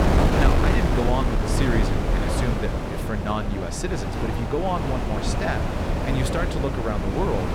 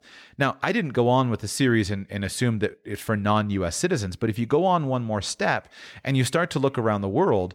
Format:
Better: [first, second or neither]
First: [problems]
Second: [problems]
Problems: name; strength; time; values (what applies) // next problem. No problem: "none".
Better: second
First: wind noise on the microphone; heavy; 1 dB above the speech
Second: none